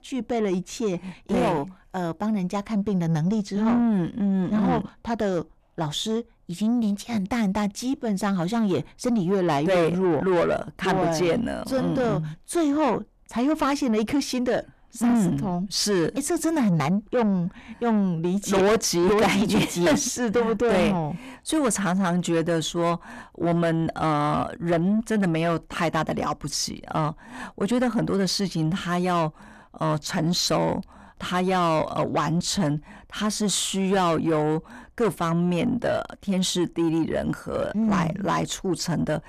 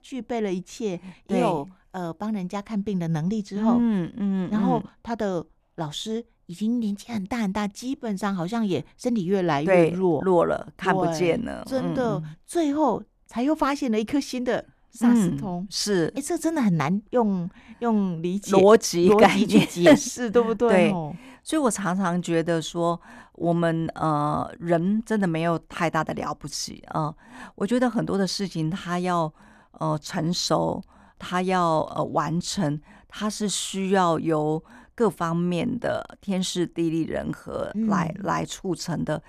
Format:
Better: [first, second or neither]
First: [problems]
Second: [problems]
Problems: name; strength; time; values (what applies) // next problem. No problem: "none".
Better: second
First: distortion; heavy; 8 dB below the speech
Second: none